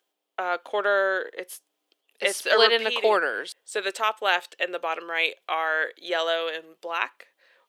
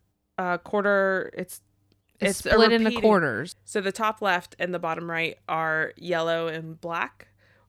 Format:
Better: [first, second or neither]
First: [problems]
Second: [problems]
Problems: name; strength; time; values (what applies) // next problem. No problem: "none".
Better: second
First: thin; very; fading below 400 Hz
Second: none